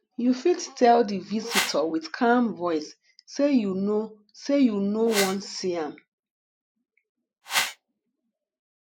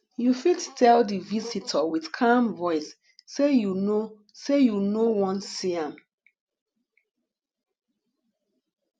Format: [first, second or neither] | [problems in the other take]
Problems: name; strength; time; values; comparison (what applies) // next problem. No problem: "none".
second | noise reduction (neural mask model Resemble Enhance denoiser)